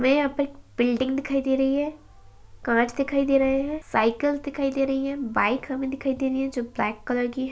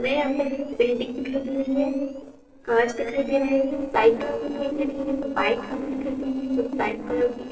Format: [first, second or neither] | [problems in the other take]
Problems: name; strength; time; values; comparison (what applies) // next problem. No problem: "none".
first | noise reduction (neural separator model SepFormer DNS4)